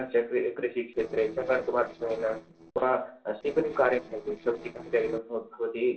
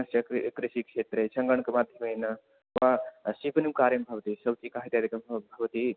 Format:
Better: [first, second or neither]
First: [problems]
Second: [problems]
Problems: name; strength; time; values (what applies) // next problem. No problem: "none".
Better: second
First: noise reduction (neural separator model SepFormer DNS4)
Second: none